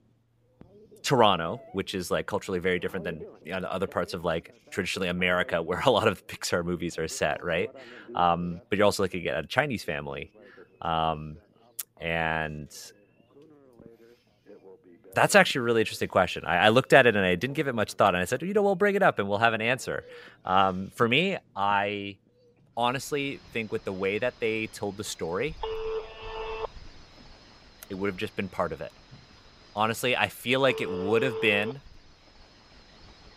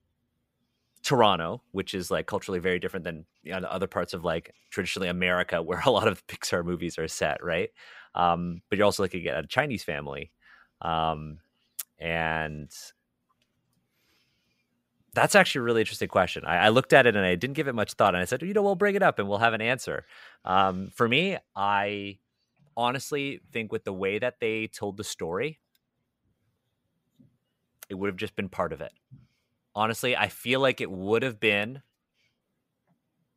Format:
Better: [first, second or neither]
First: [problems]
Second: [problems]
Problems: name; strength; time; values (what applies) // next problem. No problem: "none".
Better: second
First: alarms or sirens; noticeable; throughout; 15 dB below the speech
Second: none